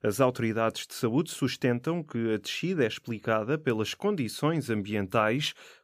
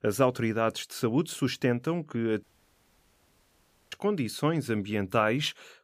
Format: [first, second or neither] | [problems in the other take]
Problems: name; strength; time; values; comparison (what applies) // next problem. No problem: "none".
first | audio cutting out; at 2.5 s for 1.5 s